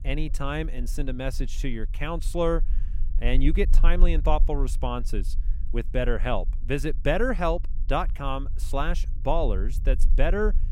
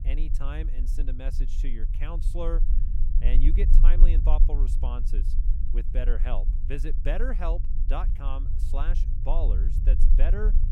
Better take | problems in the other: first | low rumble; loud; throughout; 10 dB below the speech; faint in the first

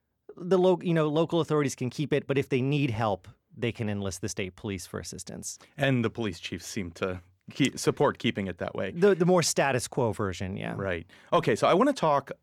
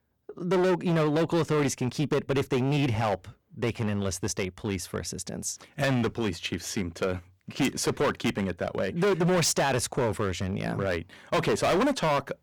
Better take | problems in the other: first | distortion; heavy; 14% of the sound clipped

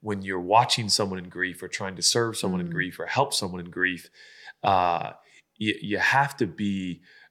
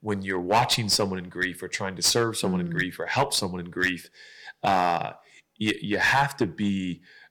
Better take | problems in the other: first | distortion; slight; 3% of the sound clipped

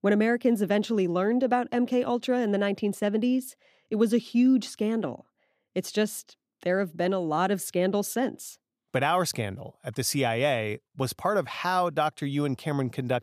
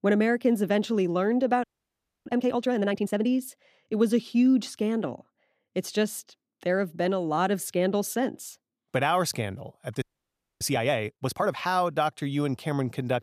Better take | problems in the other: first | audio freezing; at 1.5 s for 0.5 s and at 10 s for 0.5 s

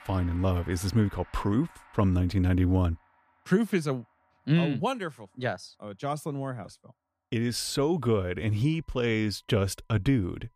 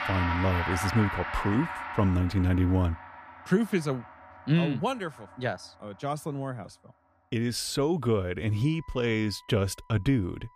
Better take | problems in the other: first | background music; loud; throughout; 7 dB below the speech; faint in the first

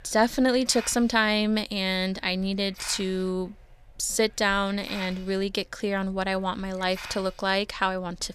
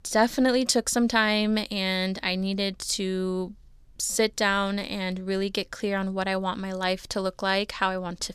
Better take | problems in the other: second | hiss; noticeable; throughout; 15 dB below the speech

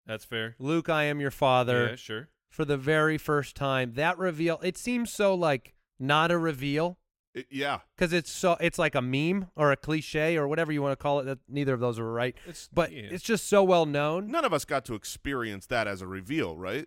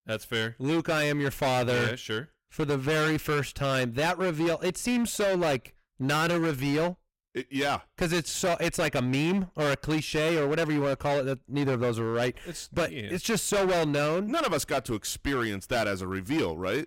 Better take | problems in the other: first | distortion; heavy; 19% of the sound clipped

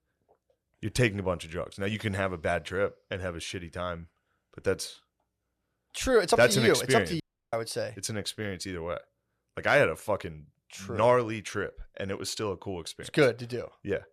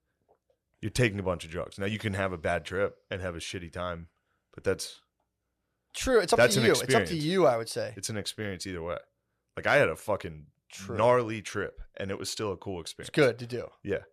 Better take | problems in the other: second | audio cutting out; at 7 s

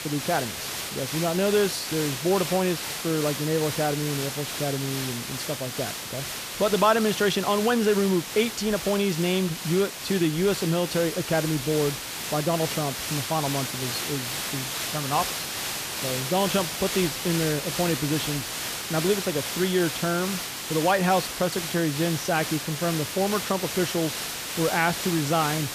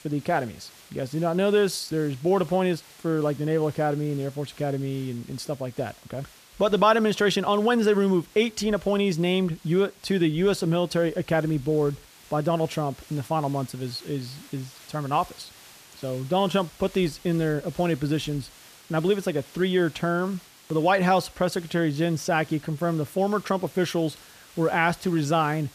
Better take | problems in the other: second | hiss; loud; throughout; 4 dB below the speech; faint in the second

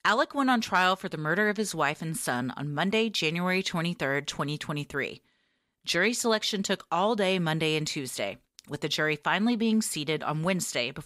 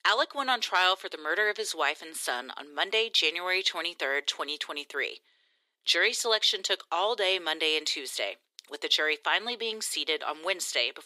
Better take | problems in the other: first | thin; very; fading below 350 Hz

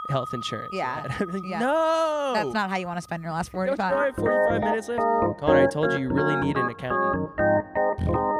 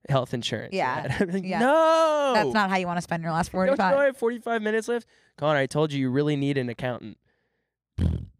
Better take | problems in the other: second | background music; very loud; throughout; 2 dB above the speech

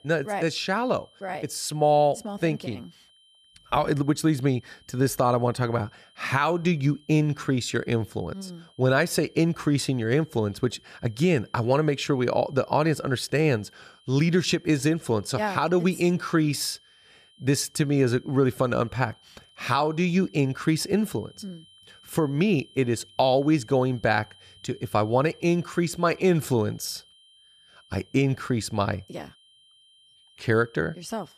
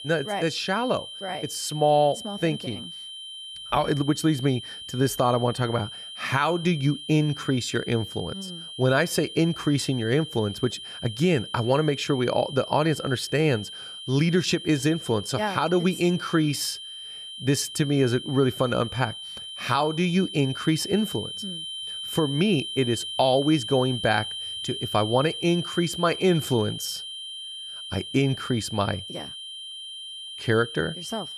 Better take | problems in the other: first | high-pitched whine; loud; throughout; 3 kHz, 9 dB below the speech; faint in the first

